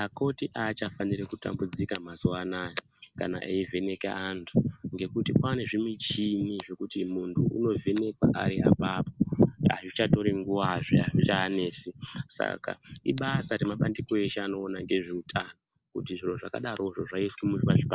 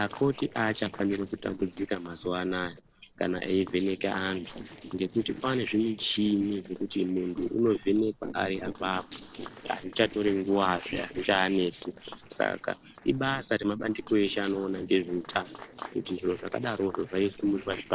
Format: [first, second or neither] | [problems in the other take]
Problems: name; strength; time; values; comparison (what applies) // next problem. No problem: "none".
first | noise reduction (neural separator model SepFormer DNS4)